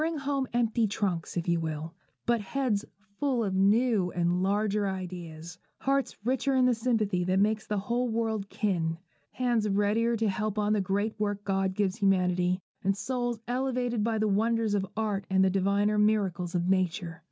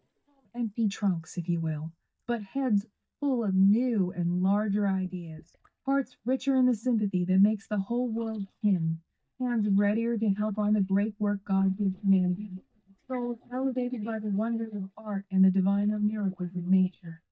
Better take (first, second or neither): first